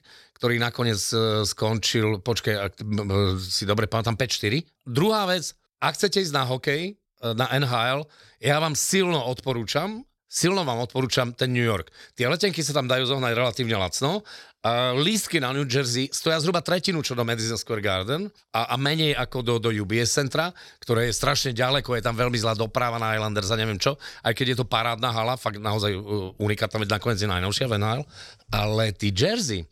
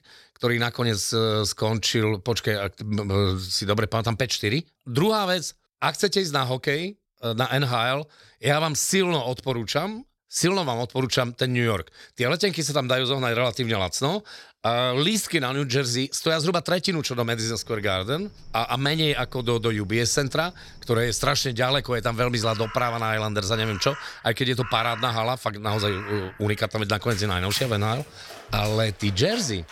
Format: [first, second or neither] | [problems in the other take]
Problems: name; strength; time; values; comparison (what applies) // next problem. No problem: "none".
first | animal sounds; noticeable; from 18 s on; 15 dB below the speech